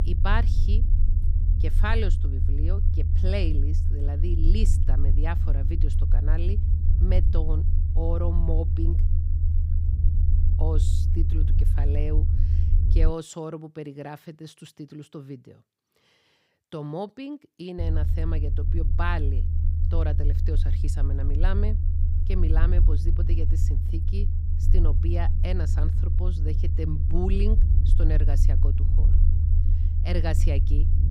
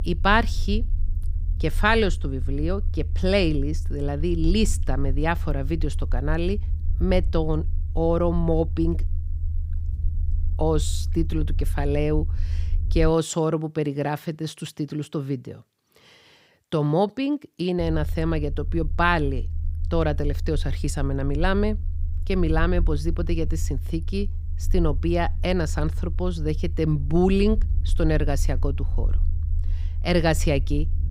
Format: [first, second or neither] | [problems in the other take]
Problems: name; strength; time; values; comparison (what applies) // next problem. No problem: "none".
second | low rumble; loud; until 13 s and from 18 s on; 6 dB below the speech; faint in the second